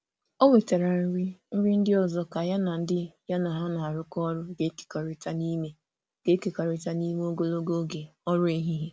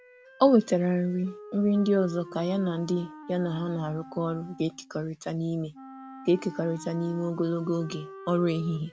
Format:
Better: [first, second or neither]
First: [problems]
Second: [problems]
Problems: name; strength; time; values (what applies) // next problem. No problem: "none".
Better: first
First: none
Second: background sound (Wind instrument, woodwind instrument); 17 dB below the speech